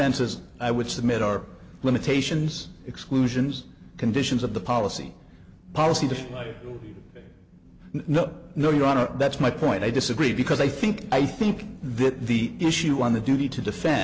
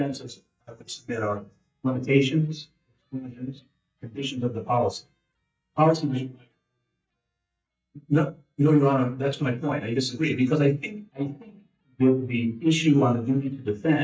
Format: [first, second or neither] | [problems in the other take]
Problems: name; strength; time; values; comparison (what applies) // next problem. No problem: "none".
first | noise reduction (neural mask model DeepFilterNet 3)